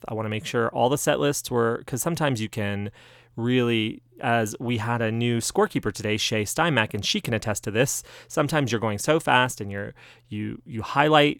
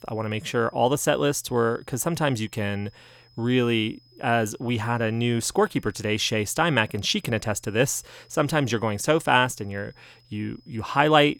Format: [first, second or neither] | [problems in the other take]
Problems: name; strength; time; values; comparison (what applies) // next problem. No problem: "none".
first | high-pitched whine; faint; throughout; 5 kHz, 35 dB below the speech